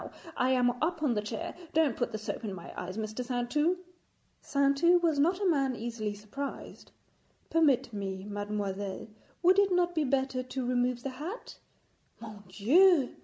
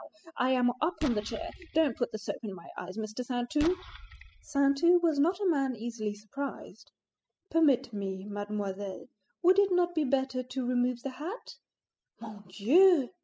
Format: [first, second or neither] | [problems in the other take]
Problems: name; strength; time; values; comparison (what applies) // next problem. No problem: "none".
first | noise reduction (classical method spectral subtraction)